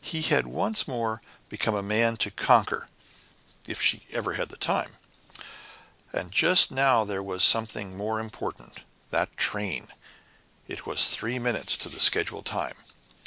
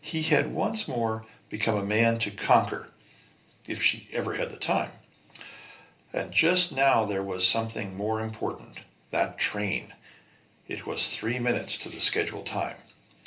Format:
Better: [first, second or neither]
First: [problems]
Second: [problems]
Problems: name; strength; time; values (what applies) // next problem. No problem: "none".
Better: first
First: none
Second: room echo; dies away in 0.3 s